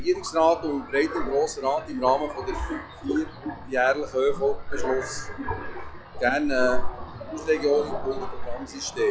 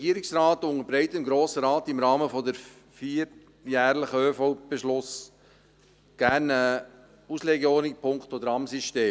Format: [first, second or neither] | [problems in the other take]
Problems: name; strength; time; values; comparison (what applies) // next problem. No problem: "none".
second | noise reduction (classical method log-MMSE)